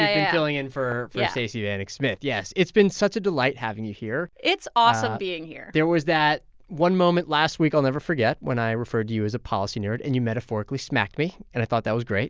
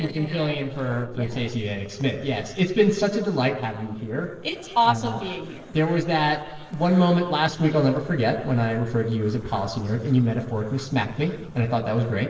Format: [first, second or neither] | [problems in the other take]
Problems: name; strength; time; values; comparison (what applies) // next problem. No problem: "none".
first | noise reduction (neural separator model SepFormer DNS4)